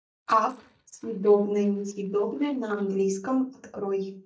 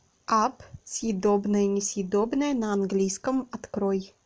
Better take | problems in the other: second | noise reduction (neural mask model DeepFilterNet 3)

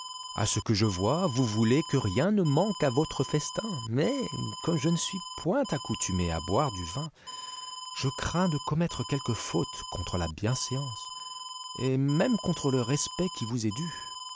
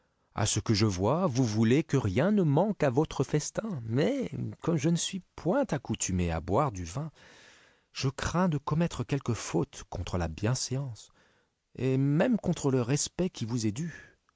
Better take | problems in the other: second | background sound (Alarm); 11 dB below the speech

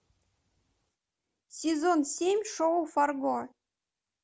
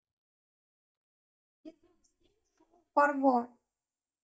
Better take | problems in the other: first | noise reduction (neural mask model DeepFilterNet 3)

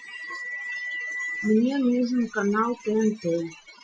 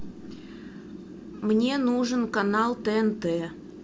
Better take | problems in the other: second | noise reduction (classical method Wiener filter)

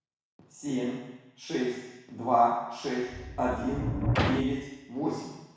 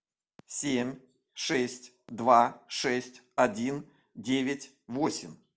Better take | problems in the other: second | background sound (Sliding door); 1 dB below the speech // room echo; dies away in 1.1 s

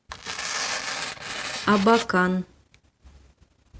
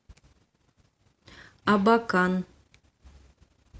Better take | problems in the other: second | background sound (Tearing); 5 dB below the speech

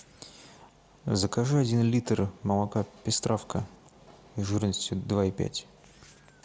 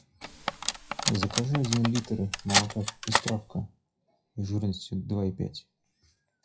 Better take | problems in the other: first | noise reduction (classical method WPE with log-MMSE)

